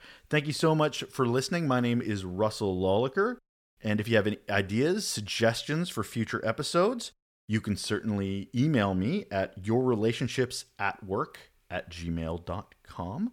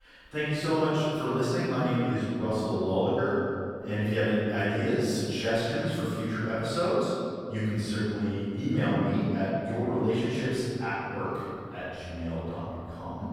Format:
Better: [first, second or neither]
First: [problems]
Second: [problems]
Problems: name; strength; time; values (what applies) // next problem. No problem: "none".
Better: first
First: none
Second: off-mic speech; far // room echo; strong; dies away in 2.5 s